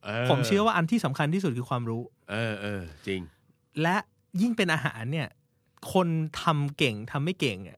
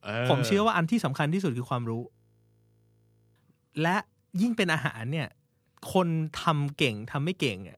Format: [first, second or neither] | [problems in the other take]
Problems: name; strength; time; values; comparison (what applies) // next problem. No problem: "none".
first | audio freezing; at 2 s for 1 s